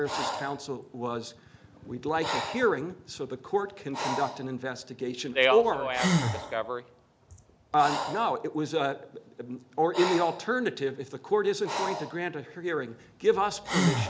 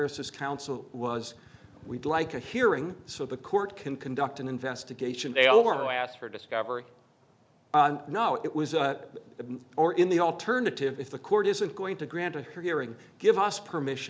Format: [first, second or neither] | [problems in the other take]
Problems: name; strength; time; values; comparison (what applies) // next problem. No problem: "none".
second | background sound (Breathing); 6 dB below the speech